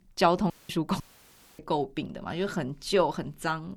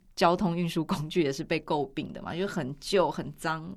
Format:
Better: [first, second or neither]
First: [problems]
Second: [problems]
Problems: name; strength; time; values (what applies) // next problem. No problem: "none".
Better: second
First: audio cutting out; at 0.5 s and at 1 s for 0.5 s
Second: none